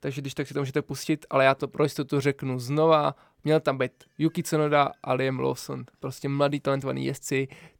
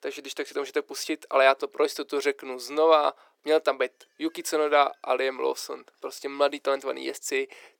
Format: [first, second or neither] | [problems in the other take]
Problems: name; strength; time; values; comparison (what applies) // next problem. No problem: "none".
first | thin; somewhat; fading below 350 Hz